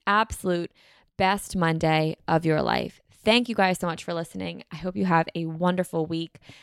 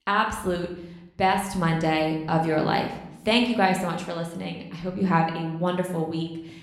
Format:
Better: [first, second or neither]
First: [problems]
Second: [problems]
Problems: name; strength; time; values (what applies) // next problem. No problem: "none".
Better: first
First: none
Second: room echo; slight; dies away in 0.7 s